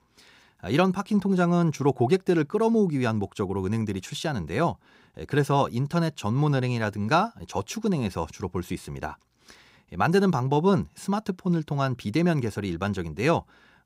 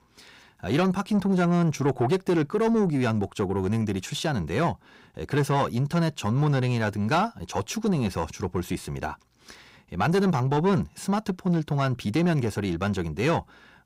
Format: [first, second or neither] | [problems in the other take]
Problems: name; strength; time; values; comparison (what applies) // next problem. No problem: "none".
first | distortion; slight; 10 dB below the speech